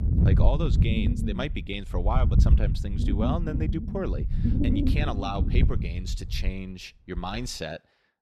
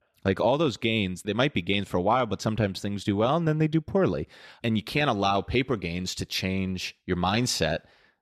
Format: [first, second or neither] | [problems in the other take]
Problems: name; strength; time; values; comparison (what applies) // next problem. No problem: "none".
second | wind noise on the microphone; heavy; 3 dB below the speech